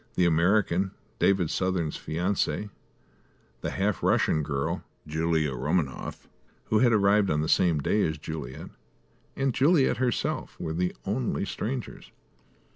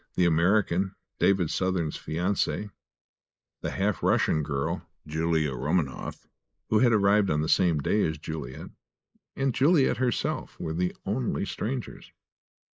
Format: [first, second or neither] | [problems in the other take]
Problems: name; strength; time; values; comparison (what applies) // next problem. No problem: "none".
first | noise reduction (neural mask model Resemble Enhance denoiser)